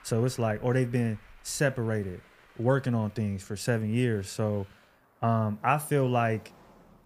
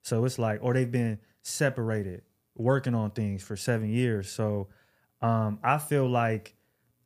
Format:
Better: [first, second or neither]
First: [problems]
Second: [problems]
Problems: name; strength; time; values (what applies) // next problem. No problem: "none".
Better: second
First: traffic noise; faint; throughout; 30 dB below the speech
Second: none